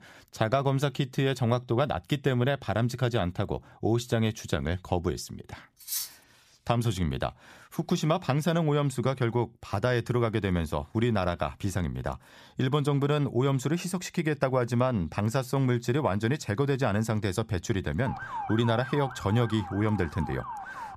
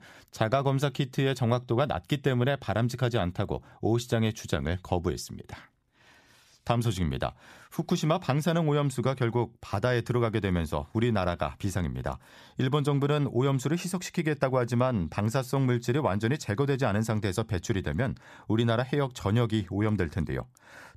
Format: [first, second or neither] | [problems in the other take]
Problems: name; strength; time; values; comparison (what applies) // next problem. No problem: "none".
second | clattering dishes; noticeable; at 6 s; peak 4 dB below the speech // siren; noticeable; from 18 s on; peak 7 dB below the speech